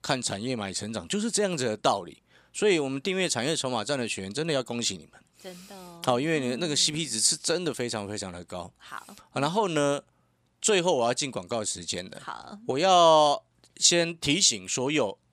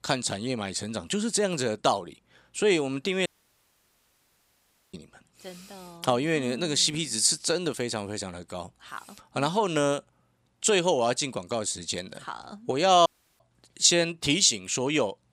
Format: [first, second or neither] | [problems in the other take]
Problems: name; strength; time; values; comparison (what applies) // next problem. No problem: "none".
first | audio cutting out; at 3.5 s for 1.5 s and at 13 s